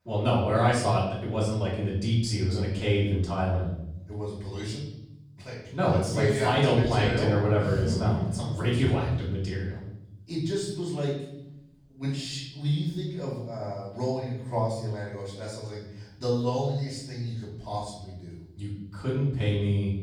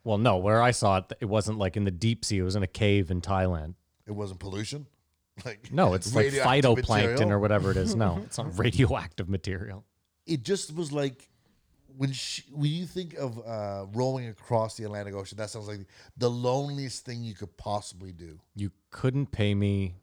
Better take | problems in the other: second | off-mic speech; far // room echo; noticeable; dies away in 0.9 s

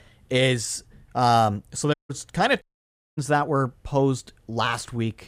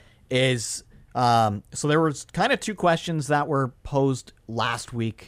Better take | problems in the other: second | audio cutting out; at 2 s and at 2.5 s for 0.5 s

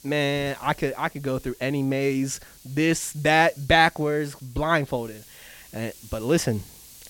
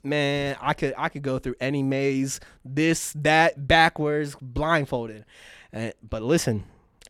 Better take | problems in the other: second | hiss; faint; throughout; 25 dB below the speech

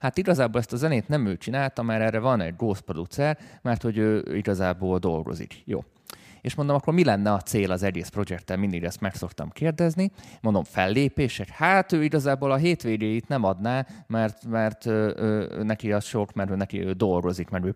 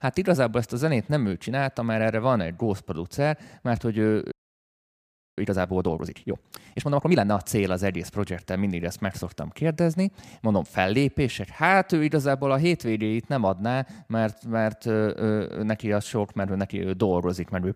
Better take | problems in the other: first | audio freezing; at 4.5 s for 1 s

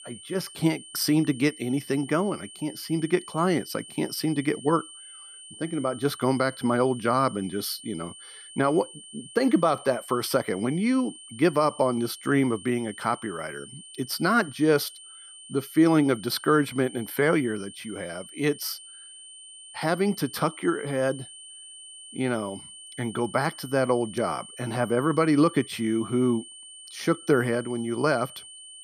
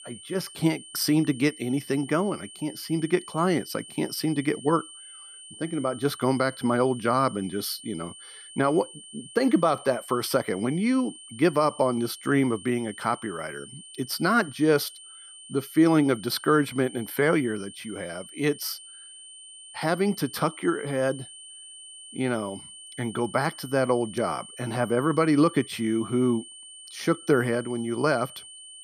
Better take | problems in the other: neither | high-pitched whine; noticeable; throughout; 3 kHz, 15 dB below the speech; the same in both

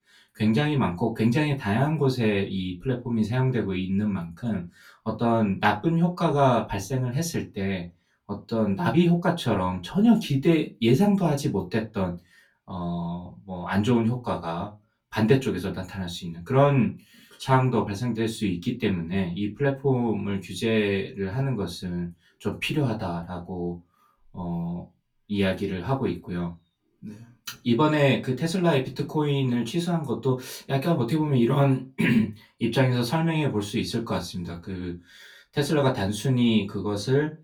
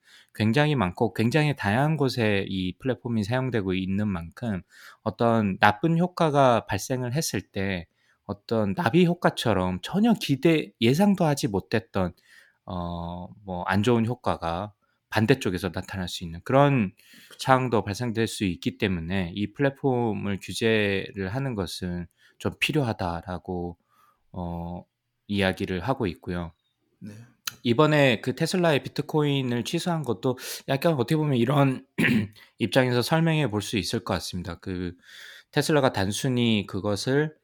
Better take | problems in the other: second | off-mic speech; far // room echo; very slight; dies away in 0.2 s

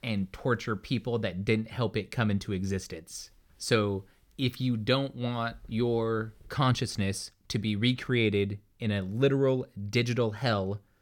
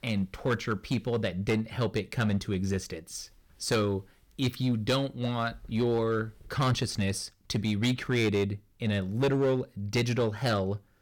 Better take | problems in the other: first | distortion; slight; 6% of the sound clipped

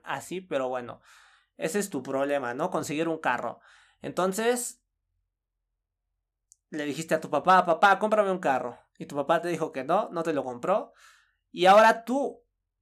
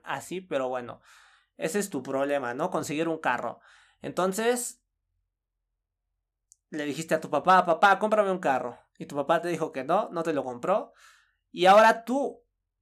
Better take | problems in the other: neither | none

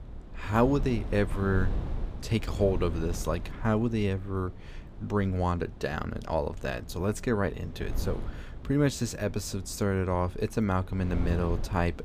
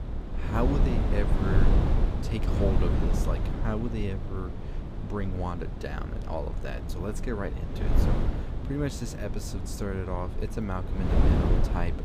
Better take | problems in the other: first | wind noise on the microphone; heavy; 2 dB below the speech; occasional gusts in the first

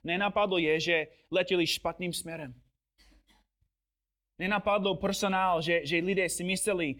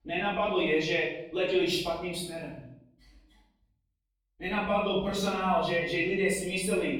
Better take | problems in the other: first | room echo; noticeable; dies away in 0.6 s // off-mic speech; far

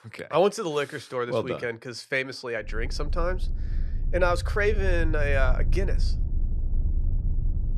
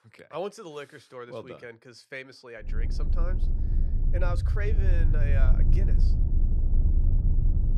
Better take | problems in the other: first | low rumble; loud; from 2.5 s on; 5 dB below the speech; faint in the first

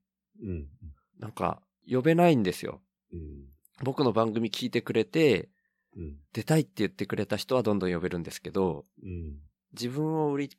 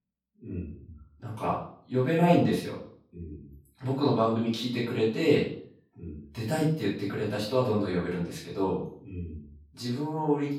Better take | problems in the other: first | room echo; noticeable; dies away in 0.5 s // off-mic speech; far

